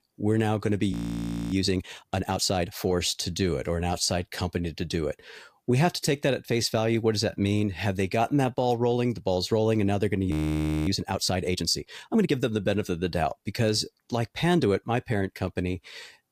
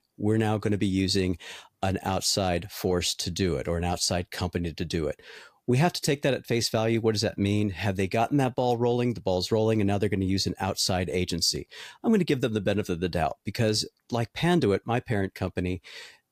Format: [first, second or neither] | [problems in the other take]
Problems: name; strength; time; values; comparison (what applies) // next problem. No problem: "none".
second | audio freezing; at 1 s for 0.5 s and at 10 s for 0.5 s